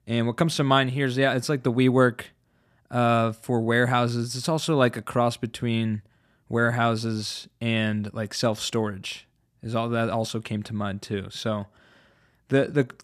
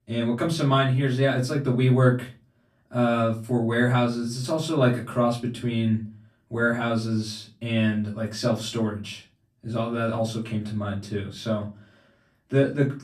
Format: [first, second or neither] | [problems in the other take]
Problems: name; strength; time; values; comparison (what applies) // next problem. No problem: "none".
first | off-mic speech; far // room echo; very slight; dies away in 0.3 s